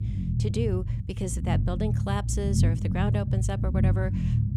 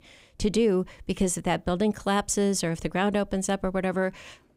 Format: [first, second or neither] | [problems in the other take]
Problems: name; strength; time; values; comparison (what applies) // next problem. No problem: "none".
second | low rumble; loud; throughout; 4 dB below the speech